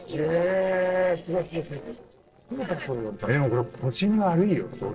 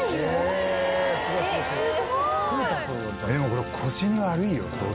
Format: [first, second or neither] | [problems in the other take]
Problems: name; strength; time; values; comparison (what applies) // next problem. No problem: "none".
second | noise reduction (neural separator model SepFormer DNS4)